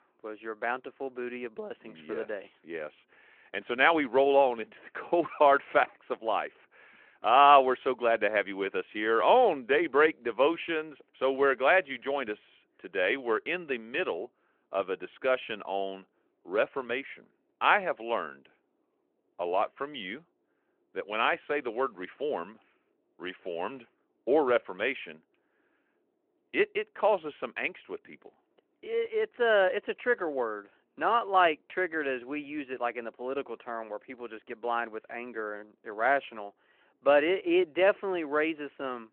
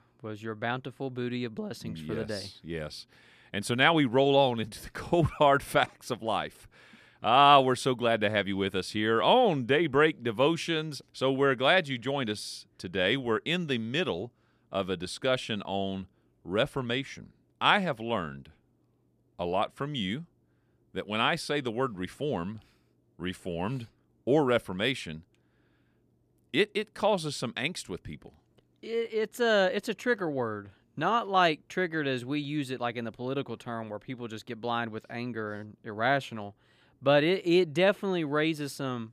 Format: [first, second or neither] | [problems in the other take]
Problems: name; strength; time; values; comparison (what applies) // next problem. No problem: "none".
second | phone-call audio